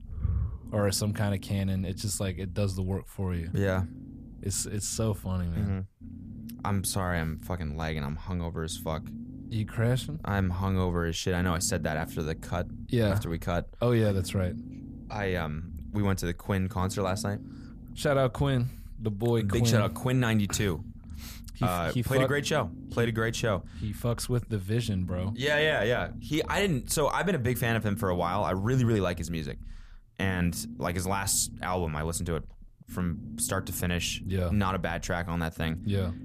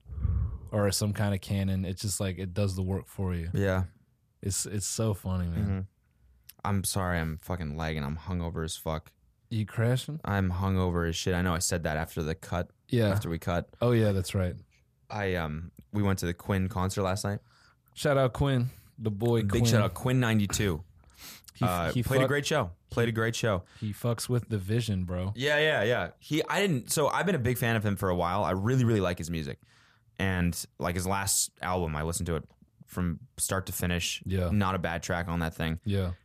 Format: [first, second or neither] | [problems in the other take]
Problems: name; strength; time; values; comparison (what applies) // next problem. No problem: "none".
second | low rumble; faint; throughout; 20 dB below the speech